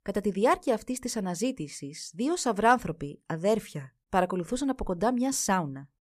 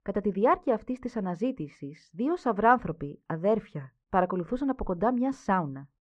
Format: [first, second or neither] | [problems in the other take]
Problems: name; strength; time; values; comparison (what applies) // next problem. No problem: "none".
first | muffled; very; fading above 1.5 kHz